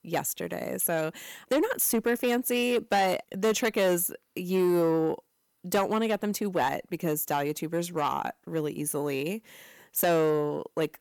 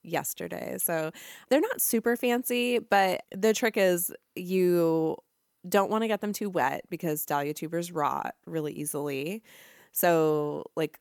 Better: second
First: distortion; slight; 10 dB below the speech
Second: none

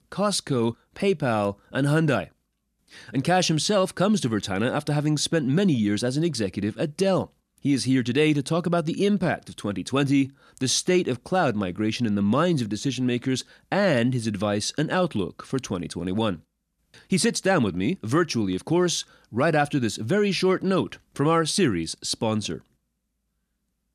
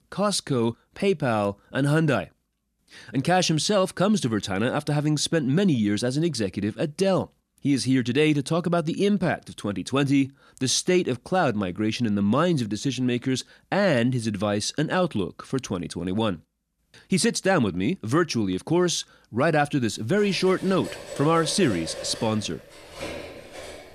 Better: first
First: none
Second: clattering dishes; faint; from 20 s on; peak 10 dB below the speech

